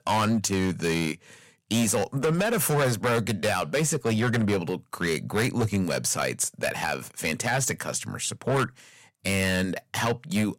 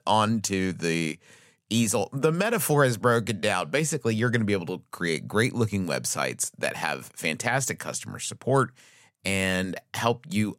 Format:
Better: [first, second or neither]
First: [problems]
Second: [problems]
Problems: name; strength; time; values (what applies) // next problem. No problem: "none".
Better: second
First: distortion; heavy; 10% of the sound clipped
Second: none